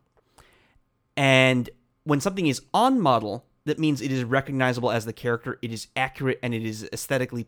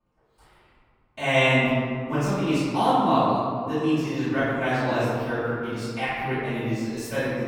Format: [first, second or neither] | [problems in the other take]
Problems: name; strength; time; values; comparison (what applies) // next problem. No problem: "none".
first | off-mic speech; far // room echo; strong; dies away in 1.9 s